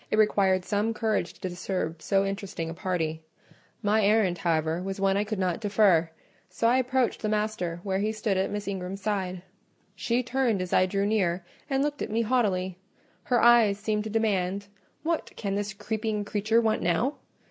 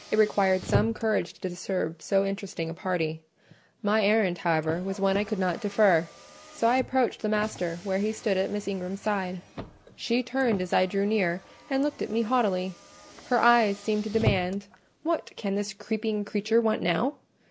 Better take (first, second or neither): first